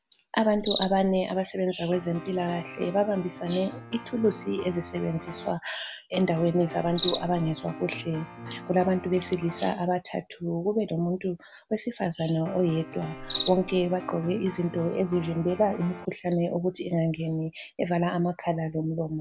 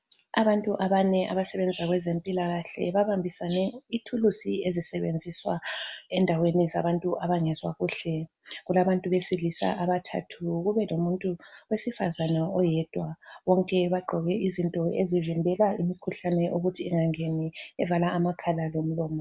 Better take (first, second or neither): second